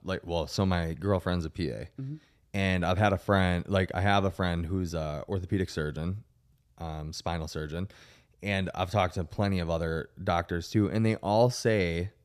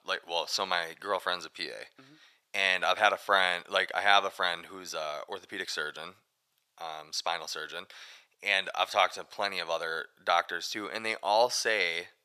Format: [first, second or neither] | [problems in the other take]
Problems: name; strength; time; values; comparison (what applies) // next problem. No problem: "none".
first | thin; very; fading below 900 Hz